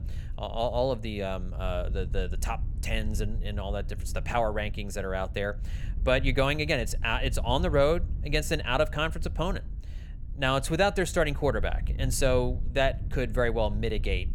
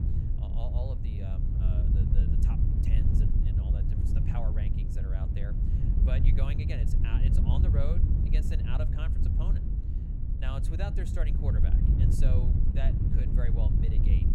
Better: first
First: wind noise on the microphone; occasional gusts; 25 dB below the speech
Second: wind noise on the microphone; heavy; 1 dB above the speech

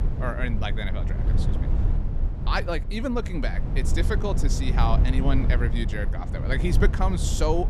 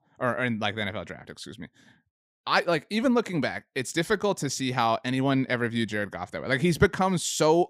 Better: second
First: low rumble; loud; throughout; 9 dB below the speech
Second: none

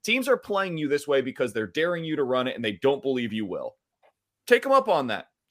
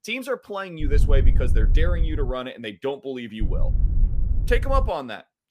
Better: first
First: none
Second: wind noise on the microphone; occasional gusts; from 1 to 2.5 s and from 3.5 to 5 s; 15 dB below the speech

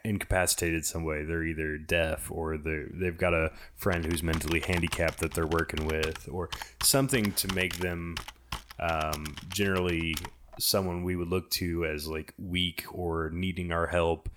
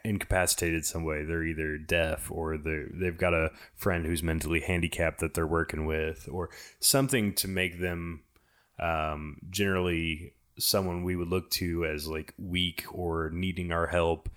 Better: second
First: keyboard typing; noticeable; from 3.5 to 11 s; peak 7 dB below the speech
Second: none

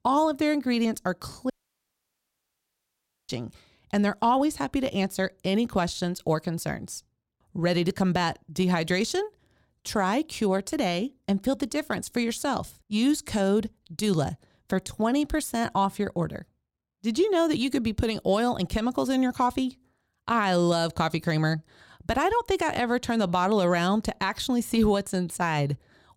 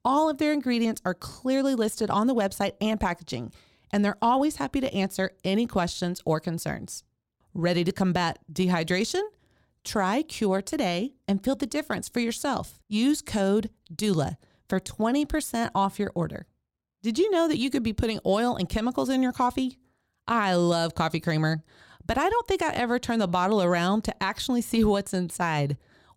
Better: second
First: audio cutting out; at 1.5 s for 2 s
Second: none

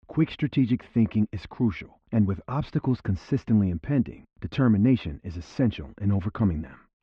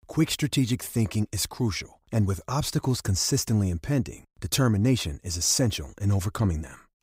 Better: second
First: muffled; very; fading above 3 kHz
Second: none

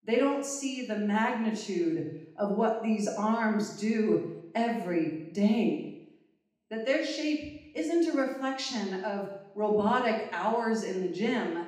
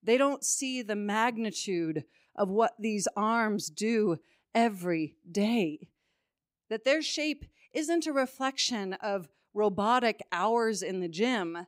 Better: second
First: room echo; noticeable; dies away in 0.8 s // off-mic speech; far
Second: none

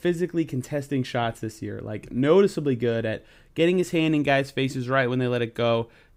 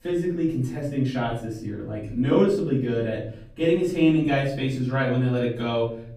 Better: first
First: none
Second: off-mic speech; far // room echo; noticeable; dies away in 0.6 s

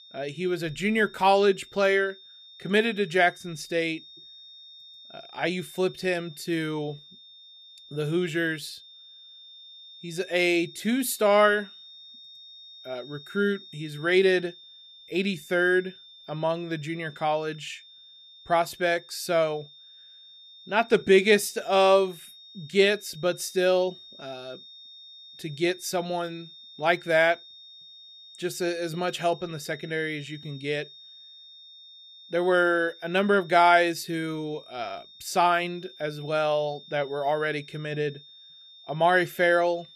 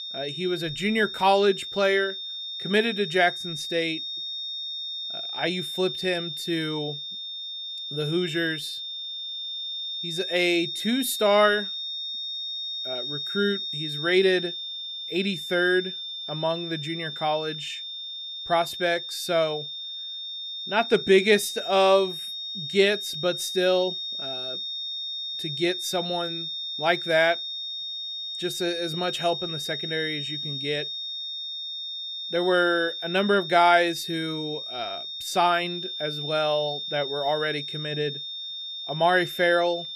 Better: first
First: high-pitched whine; faint; throughout; 3.5 kHz, 20 dB below the speech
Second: high-pitched whine; loud; throughout; 3.5 kHz, 6 dB below the speech

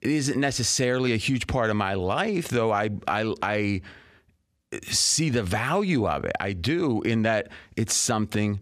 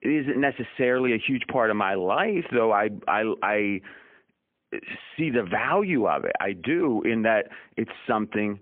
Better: first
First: none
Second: phone-call audio; poor line

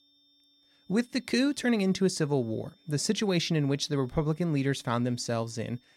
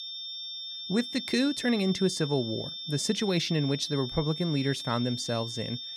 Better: first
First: high-pitched whine; faint; throughout; 3.5 kHz, 35 dB below the speech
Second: high-pitched whine; loud; throughout; 3.5 kHz, 7 dB below the speech

